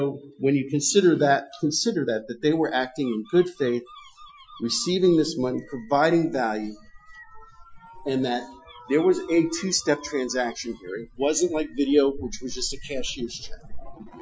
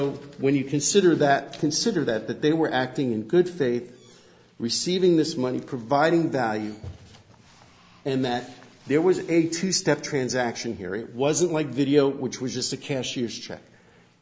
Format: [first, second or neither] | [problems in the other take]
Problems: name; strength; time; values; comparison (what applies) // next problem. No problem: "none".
second | noise reduction (classical method Wiener filter)